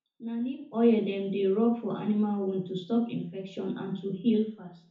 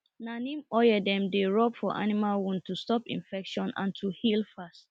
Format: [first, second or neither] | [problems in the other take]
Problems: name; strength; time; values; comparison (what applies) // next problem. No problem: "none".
second | room echo; dies away in 0.6 s